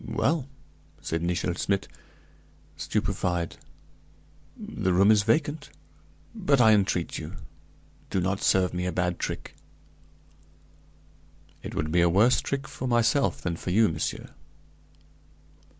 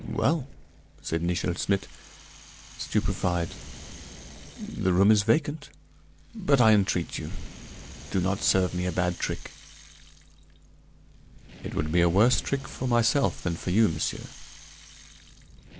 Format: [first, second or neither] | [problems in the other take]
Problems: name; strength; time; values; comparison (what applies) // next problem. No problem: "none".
first | background sound (Rattle (instrument) + Fire); 18 dB below the speech